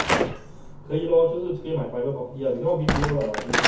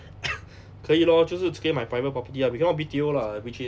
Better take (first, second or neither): second